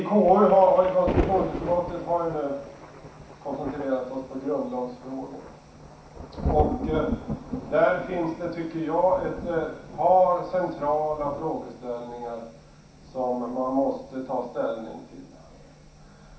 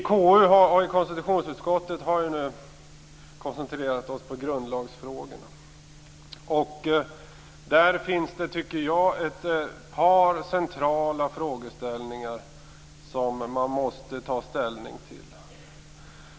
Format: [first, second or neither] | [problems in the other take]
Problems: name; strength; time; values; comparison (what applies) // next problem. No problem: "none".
second | background sound (Thunder); 9 dB below the speech // room echo; dies away in 0.7 s